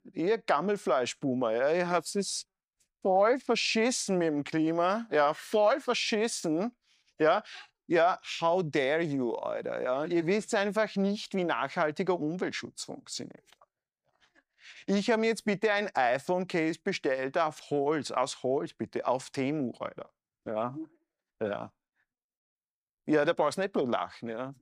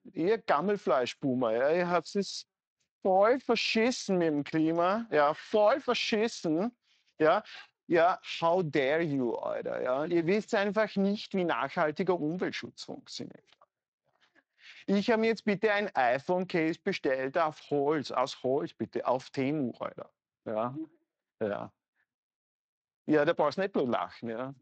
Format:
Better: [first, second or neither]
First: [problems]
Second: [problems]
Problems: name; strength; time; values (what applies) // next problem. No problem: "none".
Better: first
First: none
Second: garbled, watery; slightly; nothing above 7.5 kHz